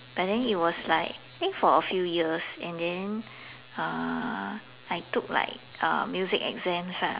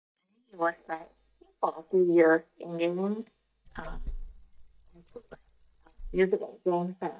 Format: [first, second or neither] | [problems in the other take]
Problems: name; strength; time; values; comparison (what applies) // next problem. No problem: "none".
first | noise reduction (neural mask model DeepFilterNet 3)